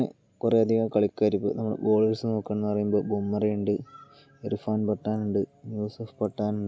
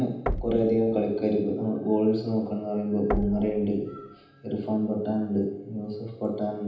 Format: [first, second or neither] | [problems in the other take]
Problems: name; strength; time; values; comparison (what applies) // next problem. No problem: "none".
first | background sound (Knock); 11 dB below the speech // room echo; dies away in 0.9 s